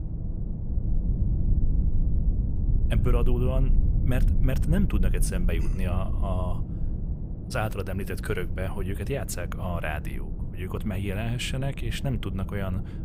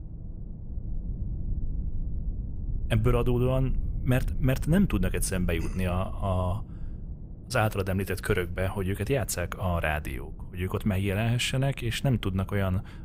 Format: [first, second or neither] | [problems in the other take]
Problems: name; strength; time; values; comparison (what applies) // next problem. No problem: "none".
second | low rumble; loud; throughout; 9 dB below the speech; faint in the second